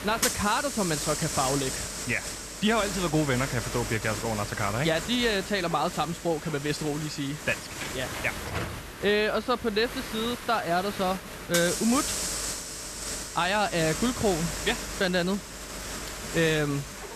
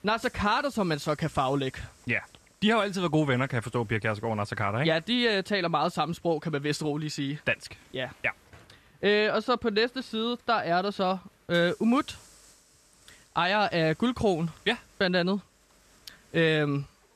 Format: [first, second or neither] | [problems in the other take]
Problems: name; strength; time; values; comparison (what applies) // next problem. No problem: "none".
second | hiss; loud; throughout; 5 dB below the speech; faint in the second